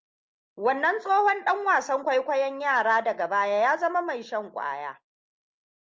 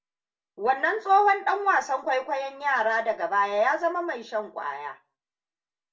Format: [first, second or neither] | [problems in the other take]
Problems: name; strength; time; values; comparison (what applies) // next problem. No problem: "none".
first | room echo; dies away in 0.2 s